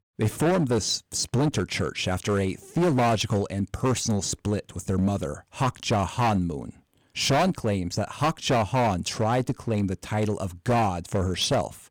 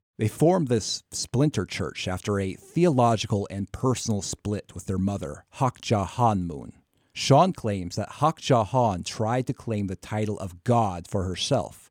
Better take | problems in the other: second | distortion; heavy; 11% of the sound clipped

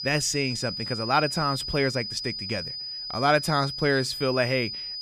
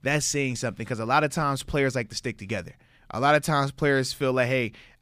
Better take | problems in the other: second | high-pitched whine; loud; throughout; 5 kHz, 5 dB below the speech

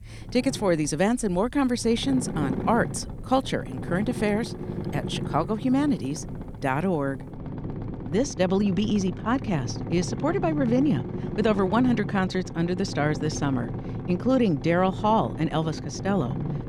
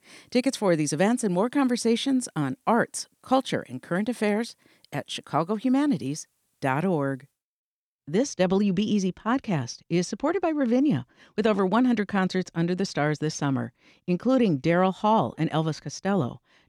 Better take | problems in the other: second | low rumble; noticeable; throughout; 10 dB below the speech

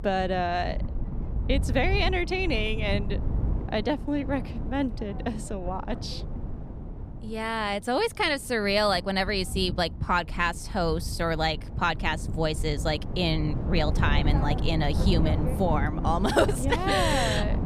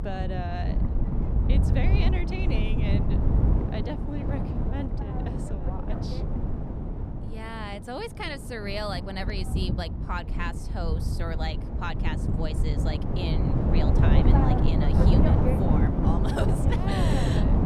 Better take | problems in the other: first | wind noise on the microphone; heavy; 1 dB above the speech; occasional gusts in the first

